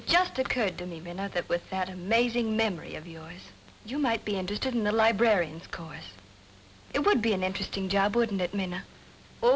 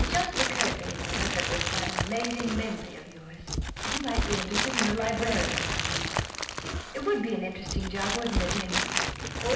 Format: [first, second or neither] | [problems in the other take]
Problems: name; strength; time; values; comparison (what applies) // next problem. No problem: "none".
first | background sound (Crumpling, crinkling); 2 dB above the speech // room echo; dies away in 0.8 s